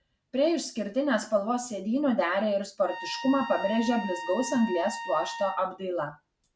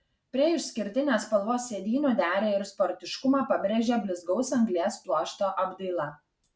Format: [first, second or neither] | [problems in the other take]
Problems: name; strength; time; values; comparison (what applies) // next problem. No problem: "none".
second | background sound (Trumpet); 10 dB below the speech